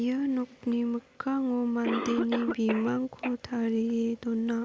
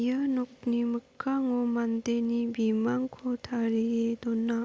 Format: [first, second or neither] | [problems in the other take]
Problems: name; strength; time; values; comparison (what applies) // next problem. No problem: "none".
second | background sound (Cough); 11 dB below the speech